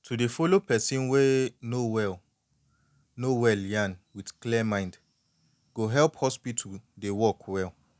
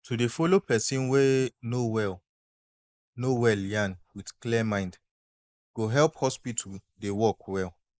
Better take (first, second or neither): first